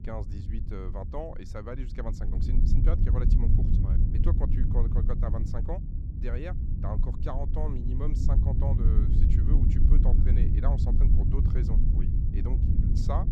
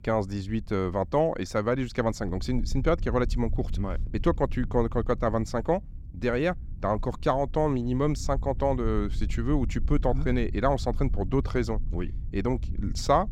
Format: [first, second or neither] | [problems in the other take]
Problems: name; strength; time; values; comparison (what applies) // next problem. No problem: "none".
second | low rumble; loud; throughout; 1 dB below the speech; faint in the second